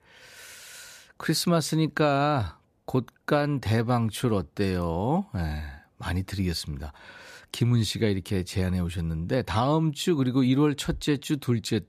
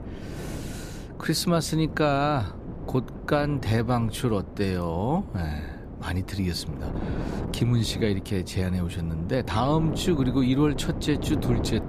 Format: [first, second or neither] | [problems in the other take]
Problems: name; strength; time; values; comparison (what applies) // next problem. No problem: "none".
first | wind noise on the microphone; occasional gusts; 10 dB below the speech